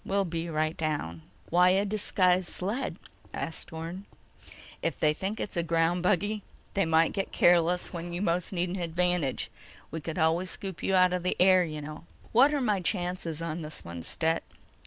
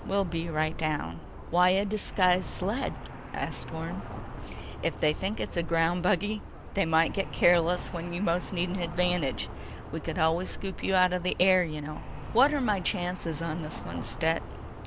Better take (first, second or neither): first